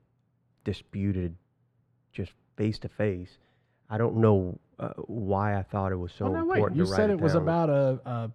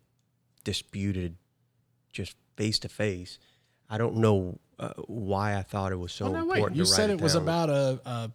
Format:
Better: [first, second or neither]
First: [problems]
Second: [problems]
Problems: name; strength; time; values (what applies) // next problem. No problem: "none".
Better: second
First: muffled; very; fading above 3 kHz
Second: none